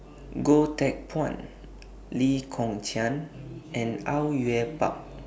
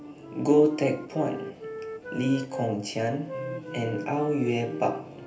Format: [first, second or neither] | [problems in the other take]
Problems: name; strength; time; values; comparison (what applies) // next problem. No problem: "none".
first | background sound (Wind instrument, woodwind instrument); 12 dB below the speech // room echo; dies away in 0.3 s